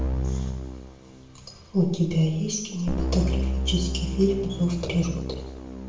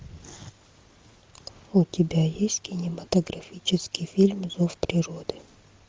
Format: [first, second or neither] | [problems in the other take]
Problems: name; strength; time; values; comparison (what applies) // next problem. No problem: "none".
second | background sound (Keyboard (musical)); 2 dB below the speech // room echo; dies away in 0.7 s